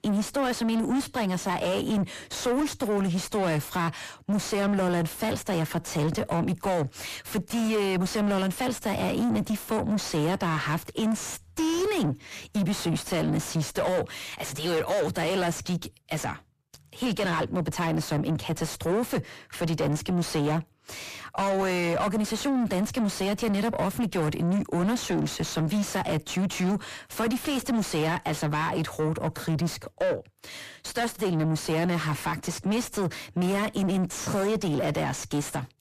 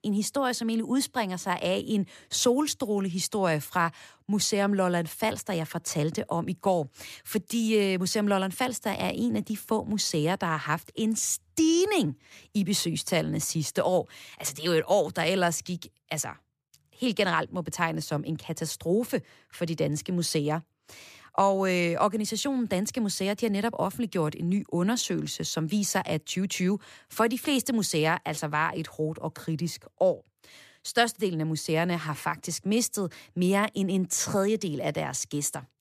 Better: second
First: distortion; heavy; 5 dB below the speech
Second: none

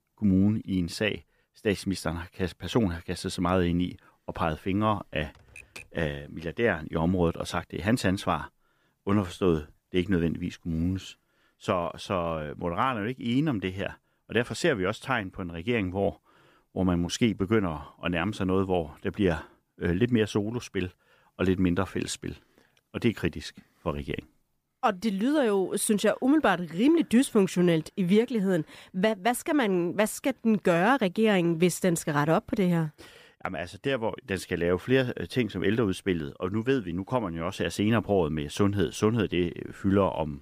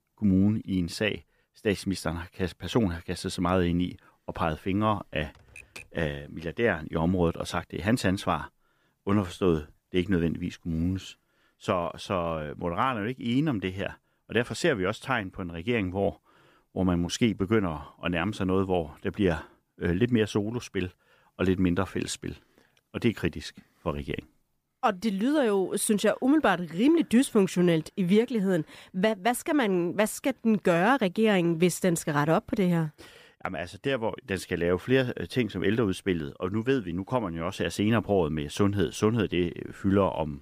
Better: neither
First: keyboard typing; faint; at 5.5 s; peak 15 dB below the speech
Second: keyboard typing; faint; at 5.5 s; peak 15 dB below the speech

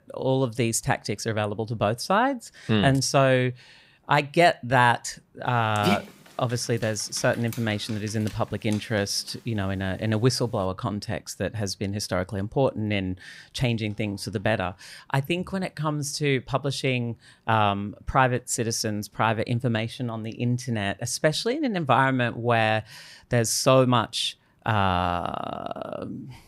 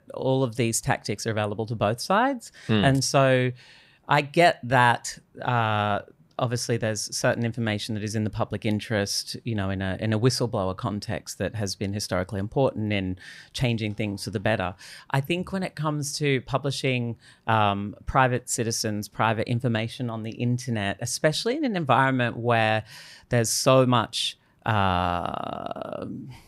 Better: second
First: dog barking; noticeable; from 6 to 8.5 s; peak 2 dB below the speech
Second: none

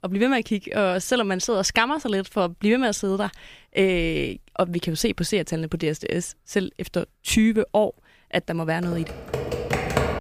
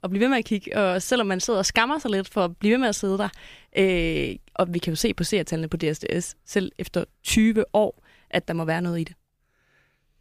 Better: second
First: keyboard typing; loud; from 9 s on; peak level with the speech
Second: none

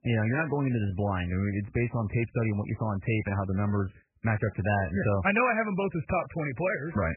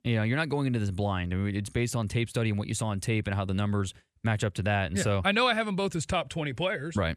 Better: second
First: garbled, watery; badly; nothing above 2.5 kHz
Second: none

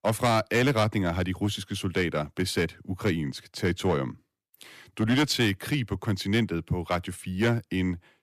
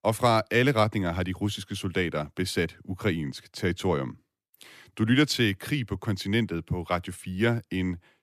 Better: second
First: distortion; slight; 4% of the sound clipped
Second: none

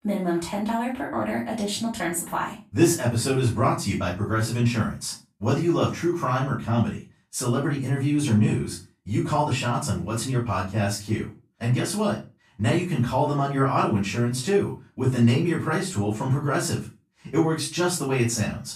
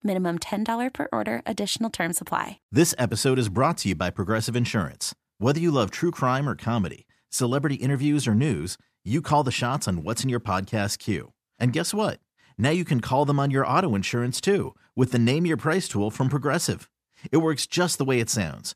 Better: second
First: off-mic speech; far // room echo; slight; dies away in 0.3 s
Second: none

